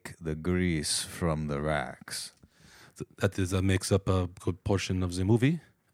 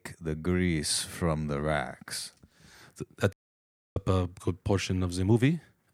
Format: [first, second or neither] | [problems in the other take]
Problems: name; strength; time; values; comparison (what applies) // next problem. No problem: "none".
first | audio cutting out; at 3.5 s for 0.5 s